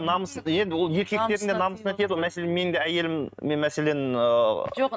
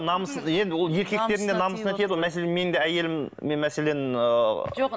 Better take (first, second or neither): second